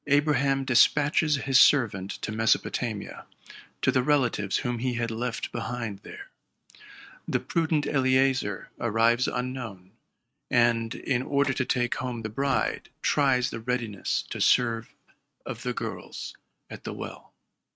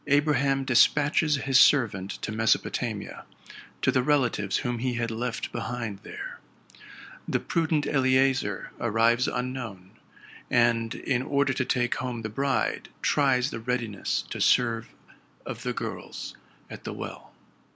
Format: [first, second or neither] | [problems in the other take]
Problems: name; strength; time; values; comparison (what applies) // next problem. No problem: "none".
second | noise reduction (neural mask model RNNoise)